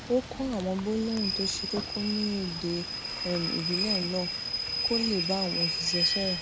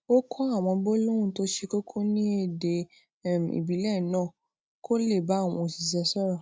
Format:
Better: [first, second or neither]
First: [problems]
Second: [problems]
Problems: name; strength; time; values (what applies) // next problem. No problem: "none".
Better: second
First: background sound (Rain / Train); 1 dB below the speech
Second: none